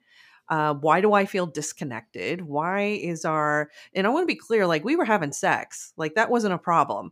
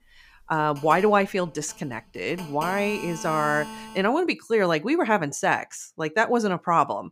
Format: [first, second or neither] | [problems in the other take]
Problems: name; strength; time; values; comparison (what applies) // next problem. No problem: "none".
first | phone ringing; faint; until 4 s; peak 10 dB below the speech